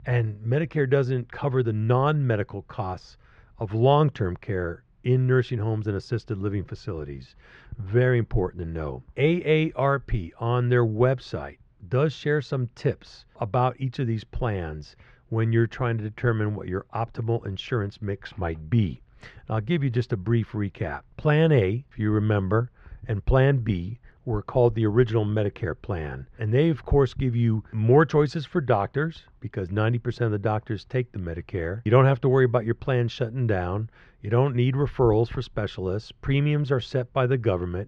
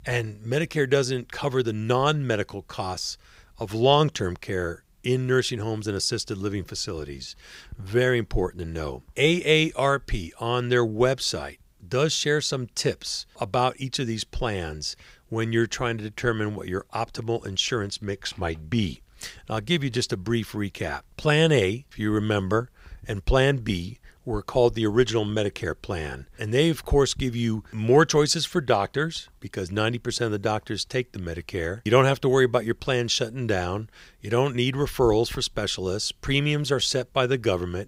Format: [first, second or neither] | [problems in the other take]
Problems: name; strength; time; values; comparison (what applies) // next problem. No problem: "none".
second | muffled; very; fading above 2 kHz